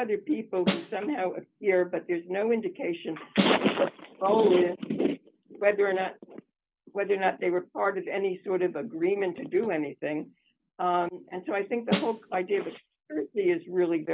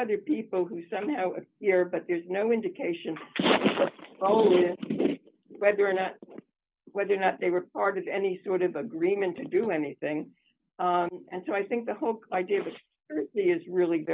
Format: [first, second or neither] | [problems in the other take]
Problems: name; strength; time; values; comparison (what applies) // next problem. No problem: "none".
second | background sound (Snare drum); 4 dB below the speech